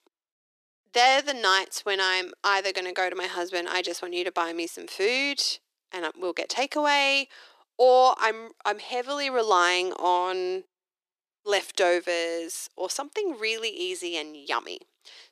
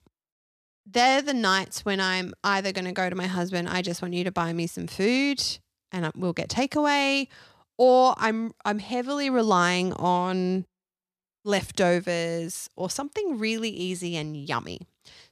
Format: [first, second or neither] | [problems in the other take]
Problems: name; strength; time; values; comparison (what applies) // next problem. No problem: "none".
second | thin; very; fading below 350 Hz